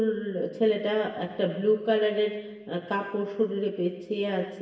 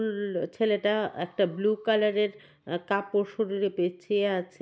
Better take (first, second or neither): second